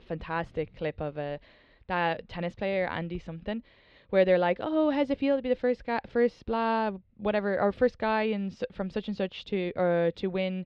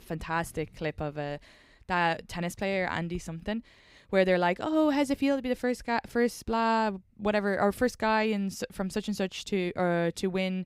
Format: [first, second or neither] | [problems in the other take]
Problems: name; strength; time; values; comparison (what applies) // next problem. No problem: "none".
second | muffled; slightly; fading above 3.5 kHz